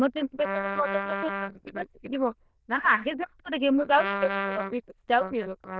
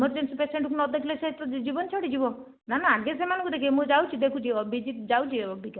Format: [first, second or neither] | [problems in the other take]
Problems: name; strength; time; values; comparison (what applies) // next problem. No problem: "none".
second | noise reduction (neural diffusion model UNIVERSE++)